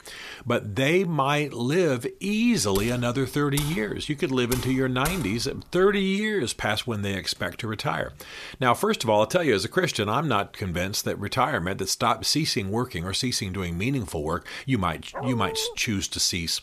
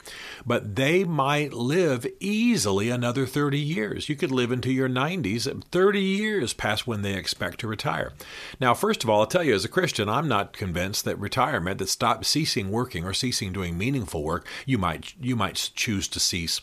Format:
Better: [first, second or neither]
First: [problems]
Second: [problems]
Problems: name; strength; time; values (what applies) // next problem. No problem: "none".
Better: second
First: keyboard typing; noticeable; from 3 to 6 s; peak 8 dB below the speech // dog barking; noticeable; at 15 s; peak 8 dB below the speech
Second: none